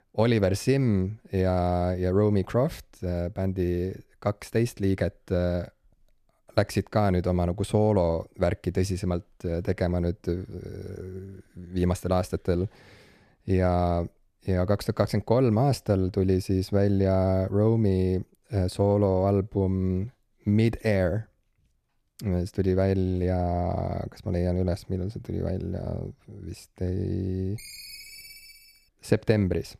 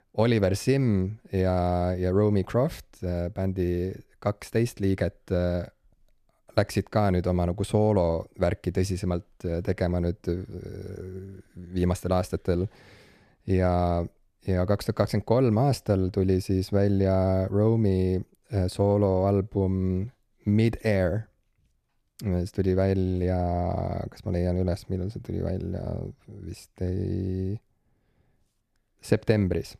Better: second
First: phone ringing; faint; from 28 to 29 s; peak 15 dB below the speech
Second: none

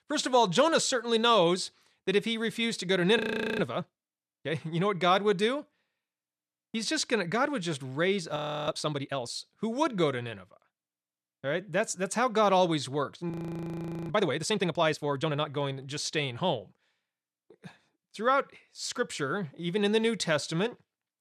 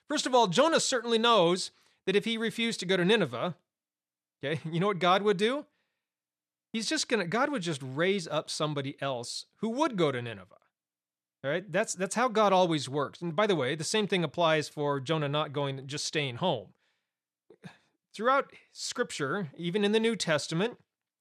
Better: second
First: audio freezing; at 3 s, at 8.5 s and at 13 s for 1 s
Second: none

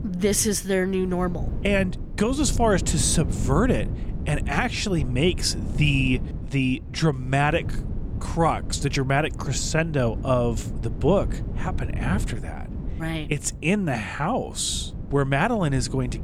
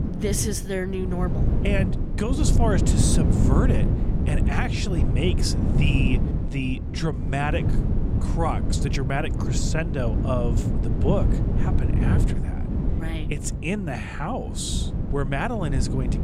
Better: first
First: wind noise on the microphone; occasional gusts; 15 dB below the speech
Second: wind noise on the microphone; heavy; 5 dB below the speech

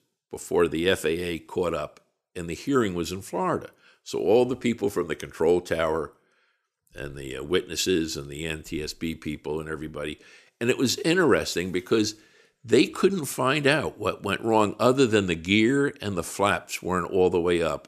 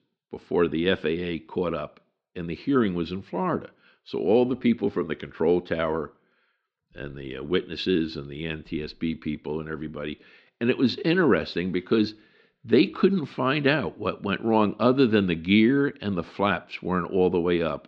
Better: first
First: none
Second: muffled; very slightly; fading above 4 kHz

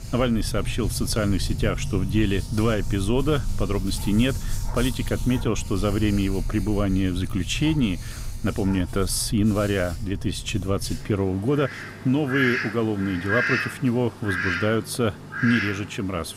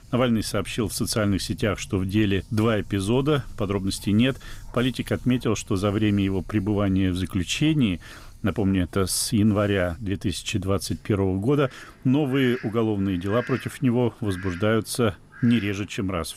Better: second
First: animal sounds; loud; throughout; 6 dB below the speech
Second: animal sounds; faint; throughout; 20 dB below the speech

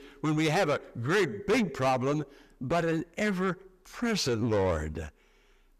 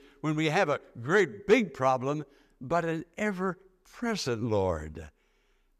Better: second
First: distortion; heavy; 7 dB below the speech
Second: none

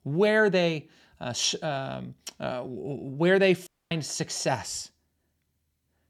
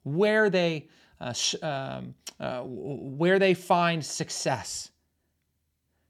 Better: second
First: audio cutting out; at 3.5 s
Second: none

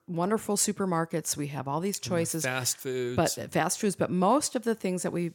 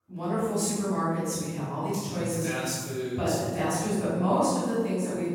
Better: first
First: none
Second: room echo; strong; dies away in 1.6 s // off-mic speech; far

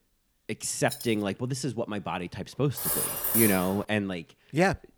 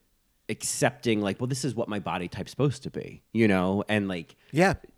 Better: second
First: jangling keys; noticeable; at 1 s; peak 9 dB below the speech // clattering dishes; loud; at 3 s; peak 5 dB above the speech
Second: none

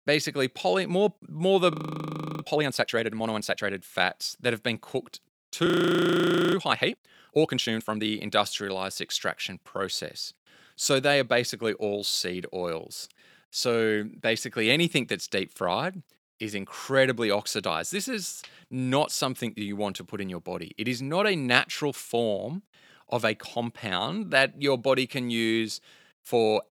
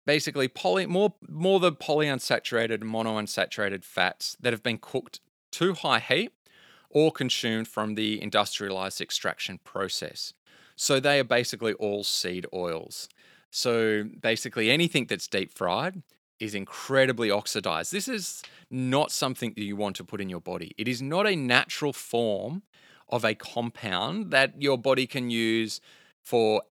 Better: second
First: audio freezing; at 1.5 s for 0.5 s and at 5.5 s for 1 s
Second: none

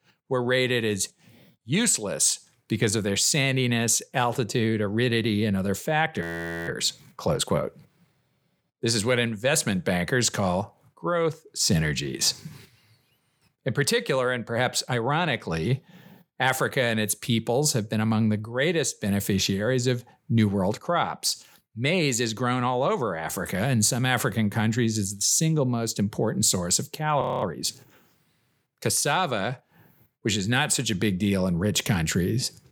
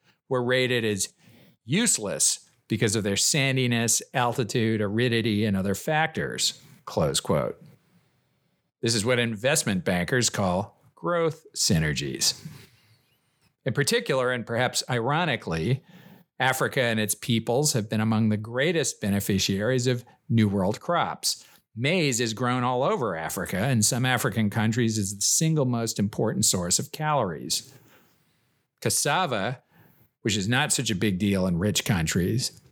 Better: second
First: audio freezing; at 6 s and at 27 s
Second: none

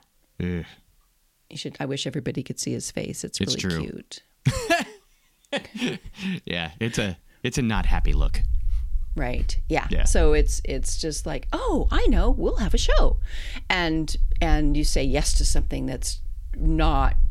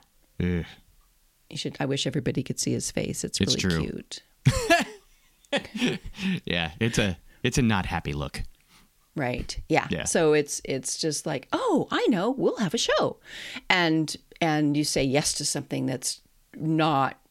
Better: second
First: low rumble; faint; from 8 s on; 25 dB below the speech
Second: none

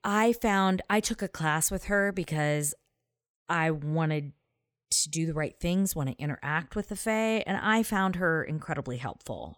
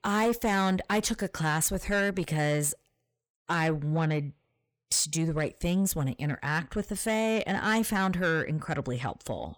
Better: first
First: none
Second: distortion; slight; 10 dB below the speech

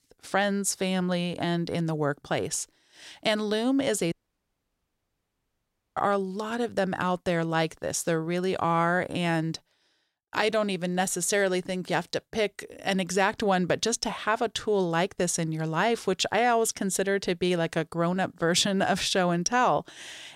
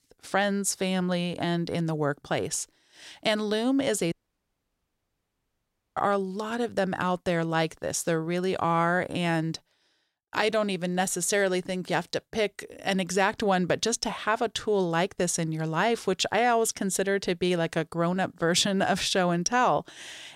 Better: neither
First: audio cutting out; at 4 s for 2 s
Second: audio cutting out; at 4 s for 2 s

